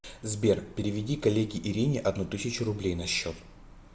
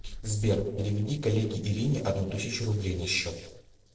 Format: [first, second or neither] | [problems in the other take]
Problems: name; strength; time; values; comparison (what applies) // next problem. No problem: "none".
first | noise reduction (neural separator model SepFormer DNS4)